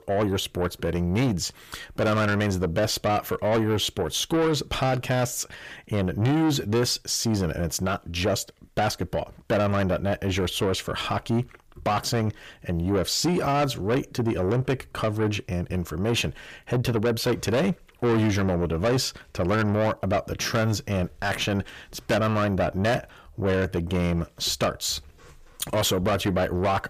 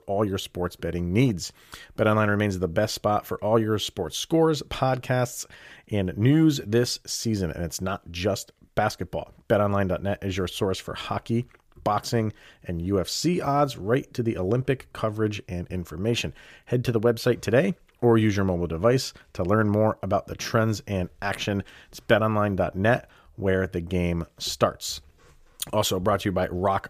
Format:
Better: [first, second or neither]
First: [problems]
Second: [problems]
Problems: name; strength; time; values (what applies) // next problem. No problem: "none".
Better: second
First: distortion; heavy; 7 dB below the speech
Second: none